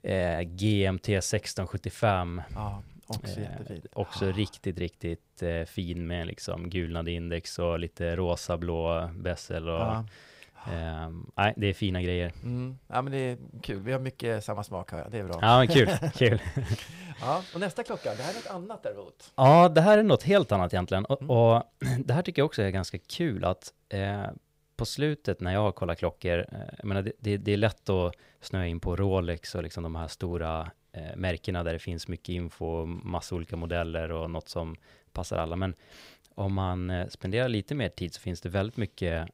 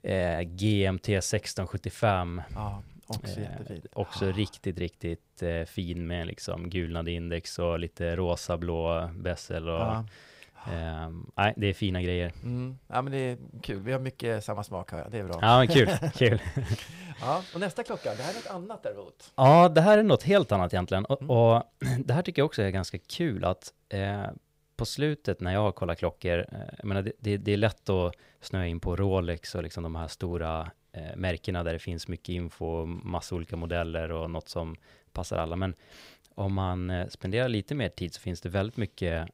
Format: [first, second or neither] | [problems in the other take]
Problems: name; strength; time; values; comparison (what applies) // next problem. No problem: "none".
neither | none